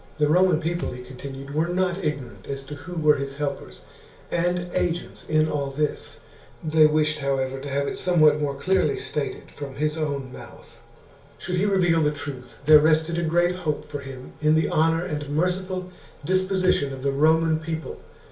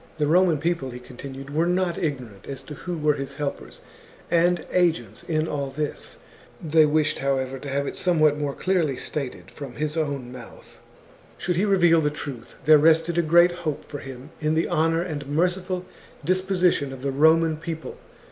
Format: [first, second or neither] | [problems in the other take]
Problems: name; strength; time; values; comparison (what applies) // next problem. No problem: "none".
second | background sound (Thump, thud); 19 dB below the speech // room echo; dies away in 0.3 s